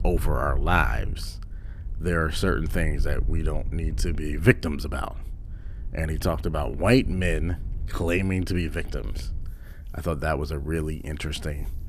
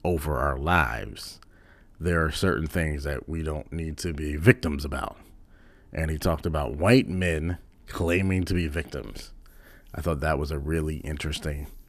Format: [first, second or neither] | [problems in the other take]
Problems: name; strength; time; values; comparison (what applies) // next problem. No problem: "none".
second | wind noise on the microphone; occasional gusts; 25 dB below the speech